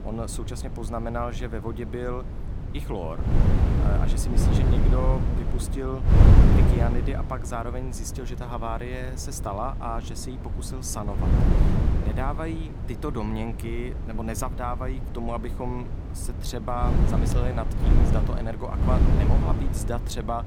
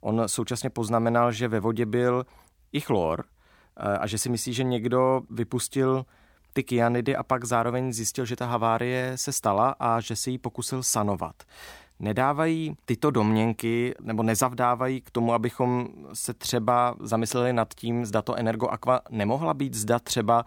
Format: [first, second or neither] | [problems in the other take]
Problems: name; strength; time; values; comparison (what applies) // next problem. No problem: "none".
second | wind noise on the microphone; heavy; 2 dB below the speech